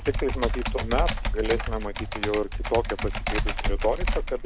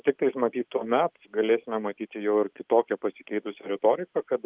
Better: second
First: background sound (Computer keyboard); 2 dB above the speech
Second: none

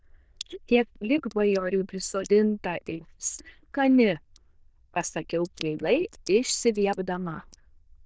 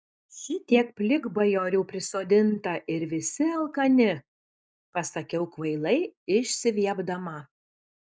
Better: second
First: noise reduction (neural diffusion model UNIVERSE++)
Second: none

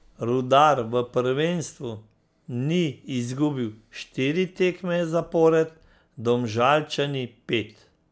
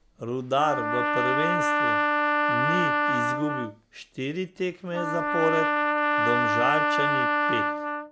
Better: first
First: none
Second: background sound (Trumpet); 5 dB above the speech

